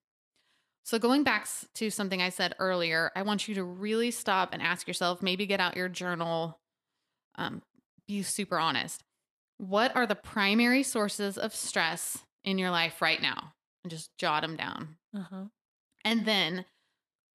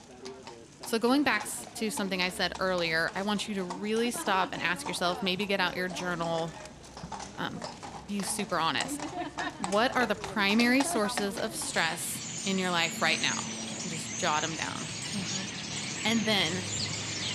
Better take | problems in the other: first | animal sounds; loud; throughout; 8 dB below the speech

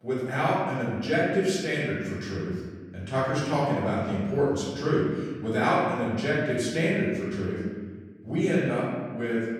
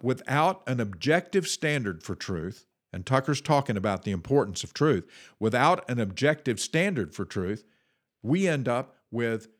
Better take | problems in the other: second | room echo; strong; dies away in 1.5 s // off-mic speech; far

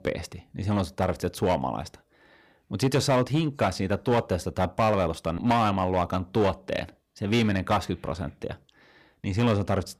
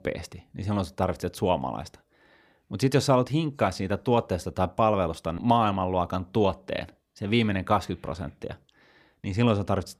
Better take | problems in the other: second | distortion; slight; 5% of the sound clipped

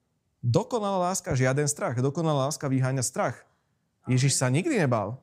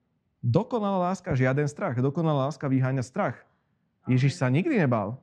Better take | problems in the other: first | muffled; slightly; fading above 2.5 kHz

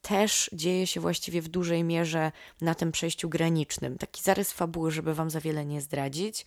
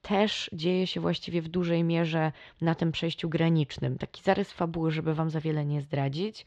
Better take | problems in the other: first | muffled; slightly; fading above 4 kHz

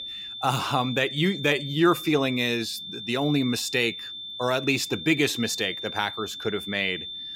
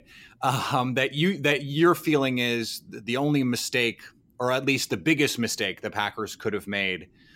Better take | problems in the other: second | high-pitched whine; loud; throughout; 3.5 kHz, 9 dB below the speech

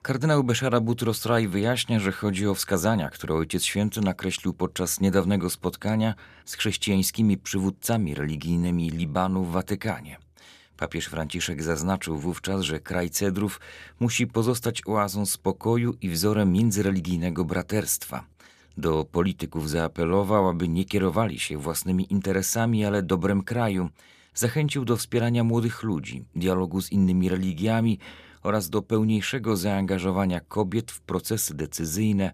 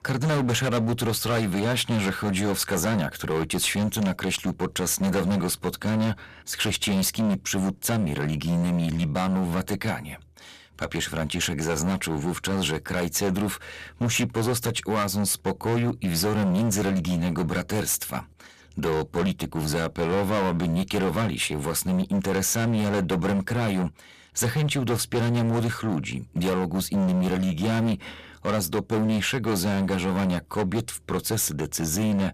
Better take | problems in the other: first | distortion; heavy; 20% of the sound clipped

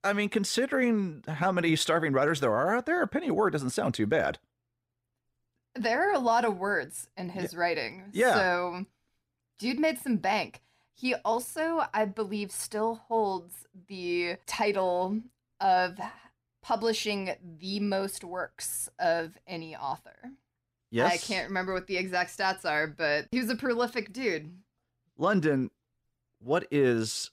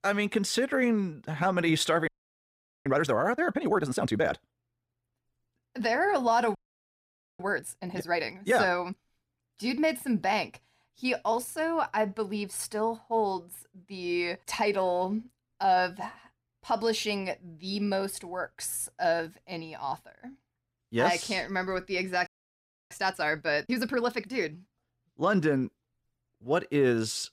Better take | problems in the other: first | audio freezing; at 2 s for 1 s, at 6.5 s for 1 s and at 22 s for 0.5 s

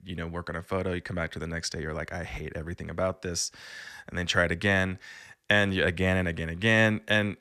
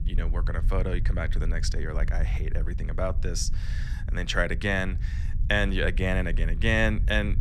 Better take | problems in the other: first | low rumble; noticeable; throughout; 20 dB below the speech

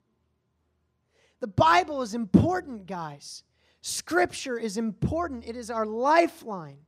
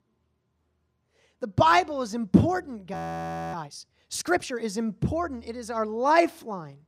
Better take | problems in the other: first | audio freezing; at 3 s for 0.5 s

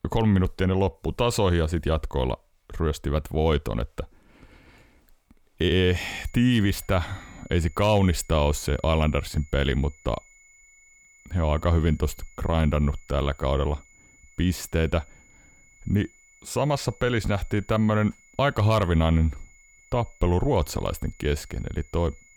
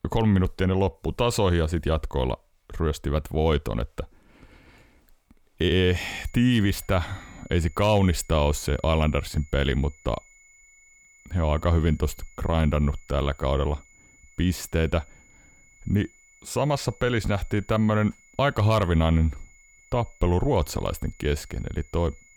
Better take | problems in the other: neither | high-pitched whine; faint; from 6 s on; 2 kHz, 30 dB below the speech; the same in both

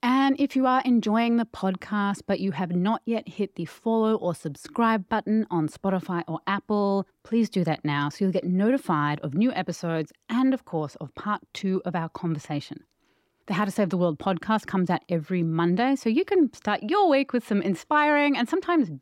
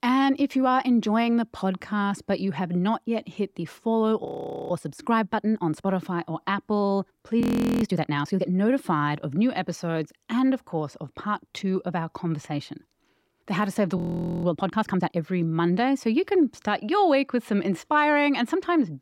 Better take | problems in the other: first | audio freezing; at 4.5 s, at 7.5 s and at 14 s

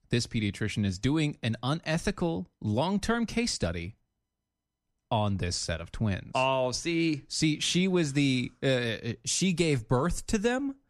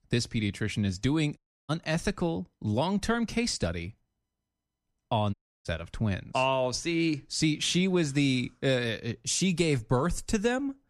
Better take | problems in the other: first | audio cutting out; at 1.5 s and at 5.5 s

